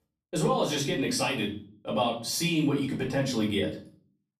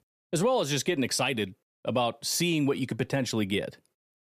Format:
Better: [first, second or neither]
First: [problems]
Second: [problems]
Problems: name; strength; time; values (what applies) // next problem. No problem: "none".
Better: second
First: off-mic speech; far // room echo; slight; dies away in 0.4 s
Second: none